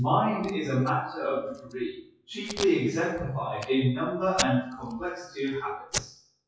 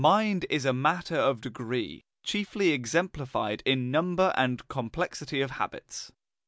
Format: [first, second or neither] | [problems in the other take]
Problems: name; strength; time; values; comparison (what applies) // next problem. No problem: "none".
second | noise reduction (classical method WPE with log-MMSE)